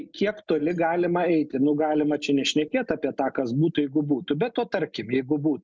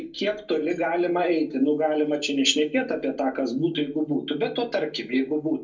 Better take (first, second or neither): first